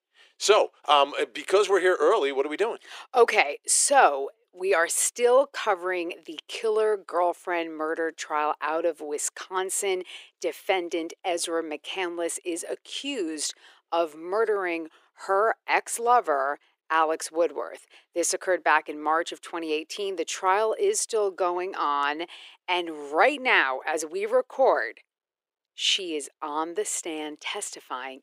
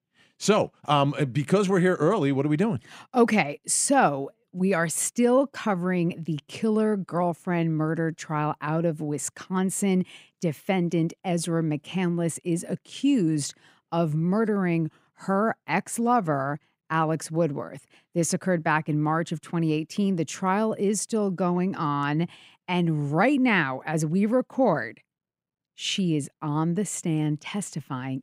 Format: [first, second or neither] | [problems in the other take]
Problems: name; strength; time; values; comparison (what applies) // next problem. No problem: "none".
second | thin; very; fading below 400 Hz